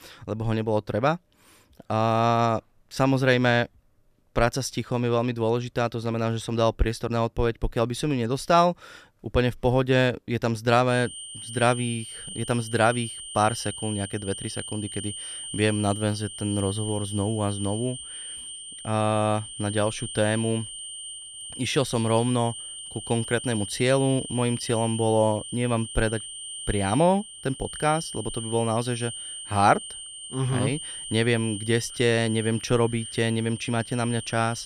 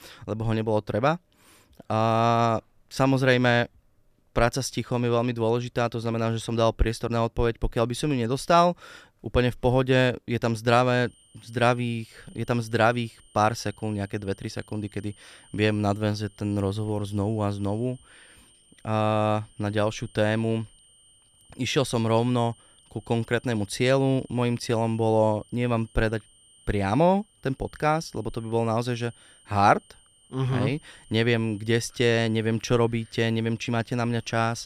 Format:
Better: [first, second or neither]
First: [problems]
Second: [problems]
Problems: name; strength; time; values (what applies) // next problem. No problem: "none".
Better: second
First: high-pitched whine; loud; from 11 s on; 9 kHz, 10 dB below the speech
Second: high-pitched whine; faint; from 11 s on; 9 kHz, 30 dB below the speech